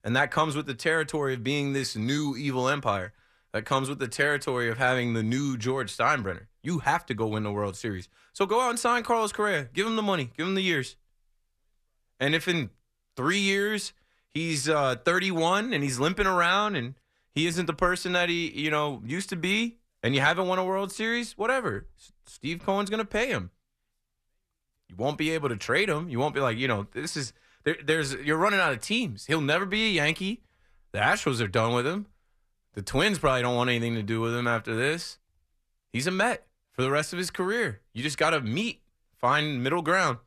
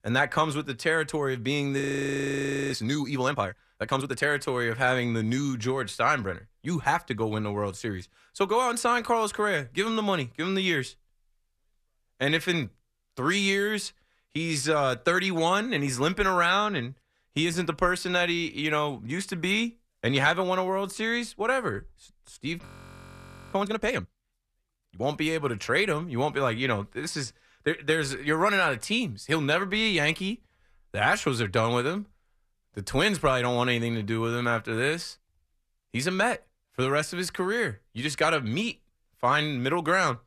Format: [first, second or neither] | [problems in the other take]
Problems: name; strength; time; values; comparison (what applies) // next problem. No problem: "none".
first | audio freezing; at 2 s for 1 s and at 23 s for 1 s